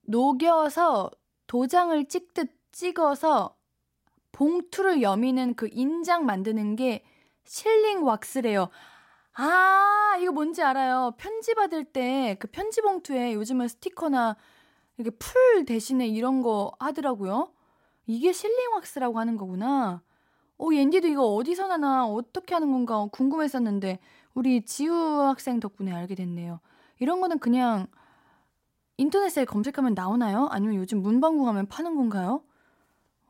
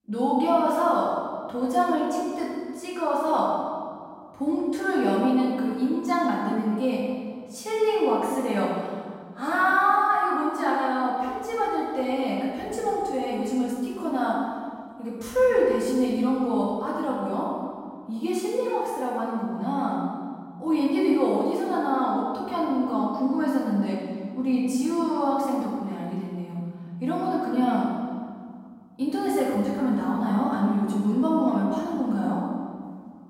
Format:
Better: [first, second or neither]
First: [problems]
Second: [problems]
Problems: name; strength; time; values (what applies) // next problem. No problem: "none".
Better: first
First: none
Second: off-mic speech; far // room echo; strong; dies away in 2.7 s